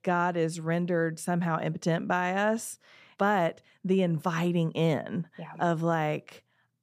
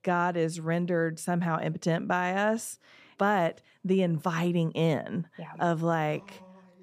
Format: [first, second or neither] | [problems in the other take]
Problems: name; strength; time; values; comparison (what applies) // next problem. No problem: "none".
first | household noises; faint; throughout; 30 dB below the speech